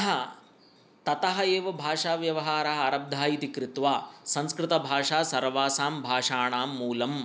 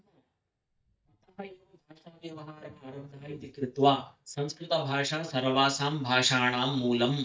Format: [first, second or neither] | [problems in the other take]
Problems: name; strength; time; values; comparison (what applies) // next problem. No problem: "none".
first | noise reduction (neural mask model DeepFilterNet 3)